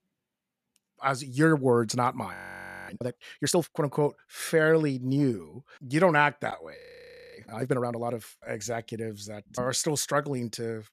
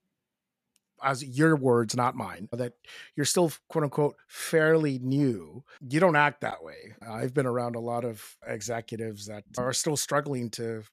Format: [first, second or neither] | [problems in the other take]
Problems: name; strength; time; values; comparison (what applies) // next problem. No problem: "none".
second | audio freezing; at 2.5 s for 0.5 s and at 7 s for 0.5 s